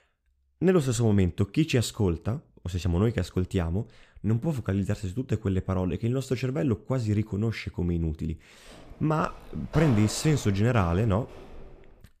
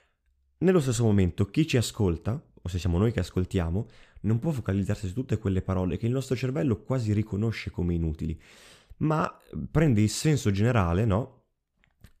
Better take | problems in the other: second | footsteps; noticeable; from 8.5 s on; peak 9 dB below the speech

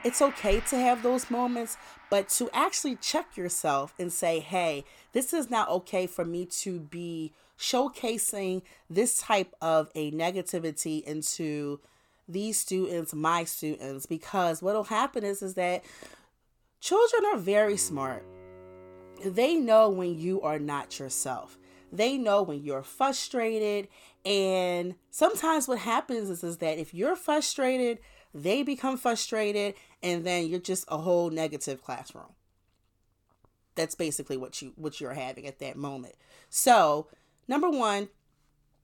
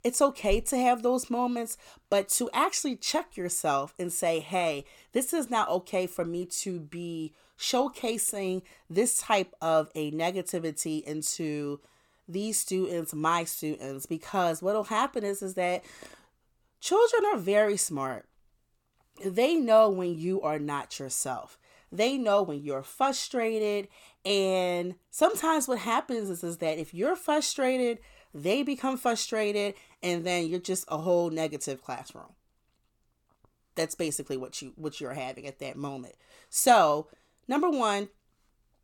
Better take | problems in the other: second | background music; noticeable; throughout; 20 dB below the speech

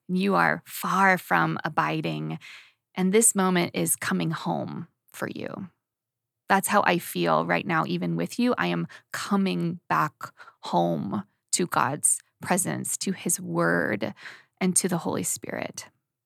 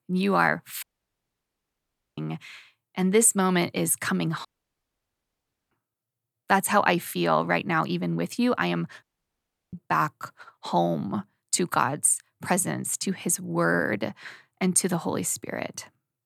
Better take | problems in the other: first | audio cutting out; at 1 s for 1.5 s, at 4.5 s for 1.5 s and at 9 s for 0.5 s

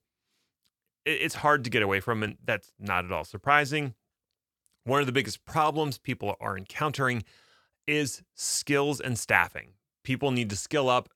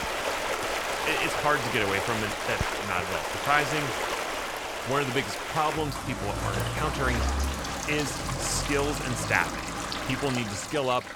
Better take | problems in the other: first | rain or running water; loud; throughout; 1 dB below the speech

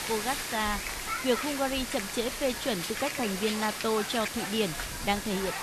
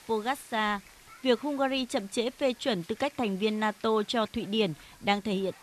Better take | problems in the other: second | hiss; loud; throughout; 2 dB below the speech; faint in the second

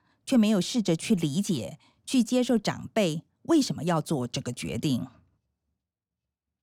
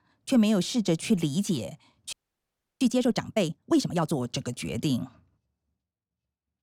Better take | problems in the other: first | audio freezing; at 2 s for 0.5 s

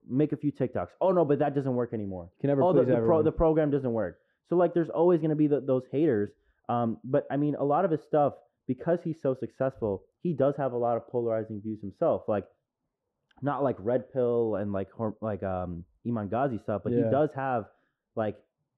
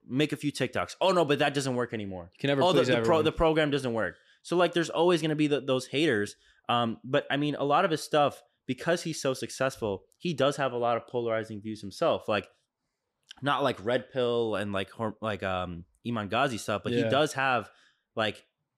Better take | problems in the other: second | muffled; very; fading above 2 kHz

